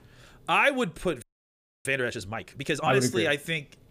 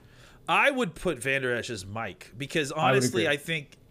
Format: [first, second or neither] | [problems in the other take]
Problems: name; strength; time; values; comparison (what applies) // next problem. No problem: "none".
second | audio freezing; at 1 s for 0.5 s